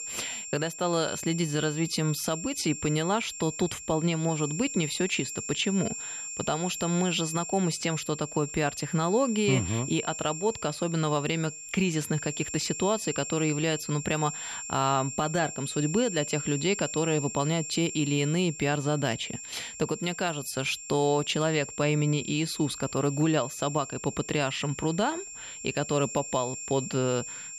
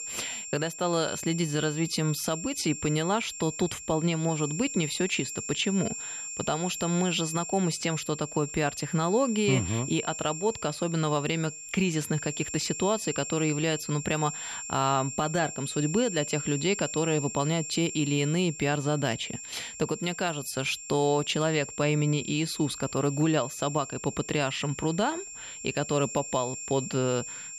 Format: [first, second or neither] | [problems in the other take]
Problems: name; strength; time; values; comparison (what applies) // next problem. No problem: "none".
neither | high-pitched whine; loud; throughout; 7.5 kHz, 8 dB below the speech; the same in both